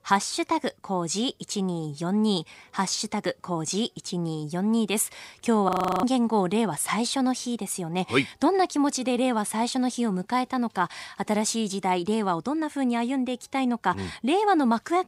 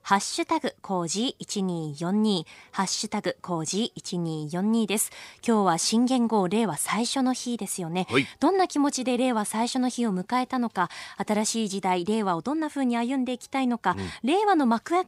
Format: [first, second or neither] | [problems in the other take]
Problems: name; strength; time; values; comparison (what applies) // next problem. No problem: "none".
second | audio freezing; at 5.5 s